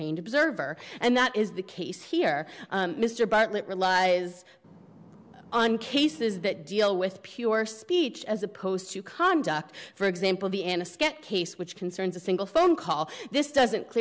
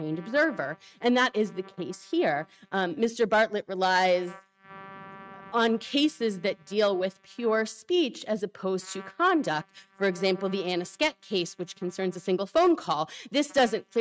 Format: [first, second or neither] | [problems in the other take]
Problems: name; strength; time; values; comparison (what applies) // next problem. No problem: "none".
first | noise reduction (neural mask model RNNoise)